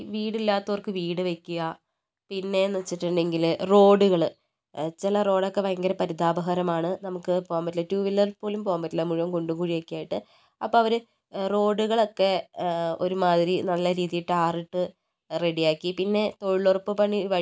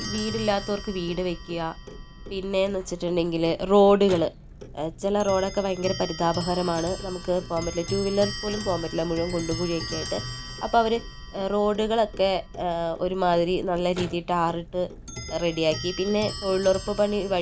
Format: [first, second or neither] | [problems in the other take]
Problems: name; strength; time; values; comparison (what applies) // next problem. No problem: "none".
first | background sound (Clock); 11 dB below the speech